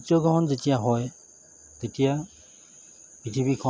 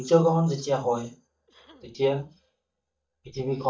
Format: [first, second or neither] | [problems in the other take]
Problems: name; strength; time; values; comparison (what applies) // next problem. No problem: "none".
first | noise reduction (neural mask model DeepFilterNet 3)